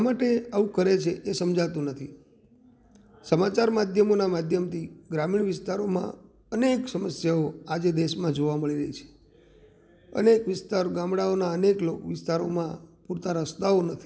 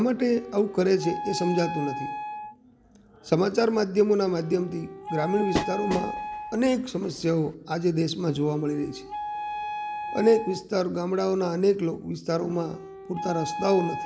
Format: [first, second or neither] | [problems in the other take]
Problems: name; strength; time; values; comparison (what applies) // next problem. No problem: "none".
first | background sound (Wind instrument, woodwind instrument + Train); 9 dB below the speech